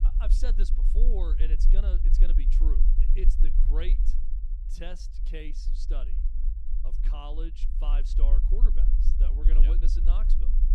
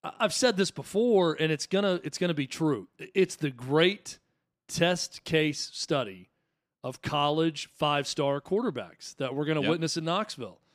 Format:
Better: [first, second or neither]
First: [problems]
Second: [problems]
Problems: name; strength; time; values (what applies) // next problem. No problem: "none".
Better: second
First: low rumble; loud; throughout; 7 dB below the speech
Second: none